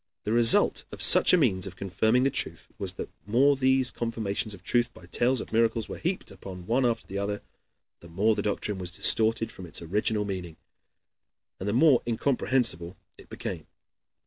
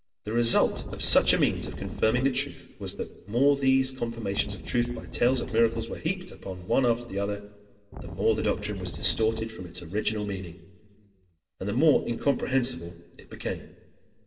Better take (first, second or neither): first